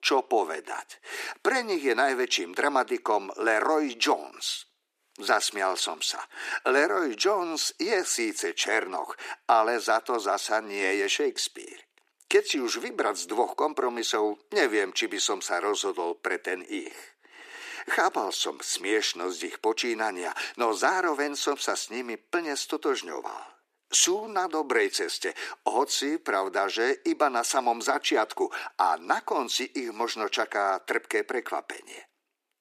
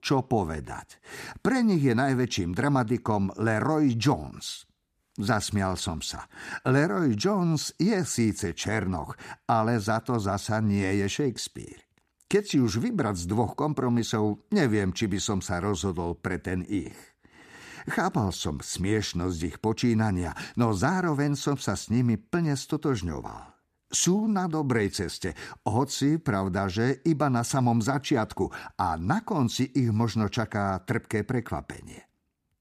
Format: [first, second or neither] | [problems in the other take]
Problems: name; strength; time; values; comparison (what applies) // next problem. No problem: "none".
second | thin; very; fading below 350 Hz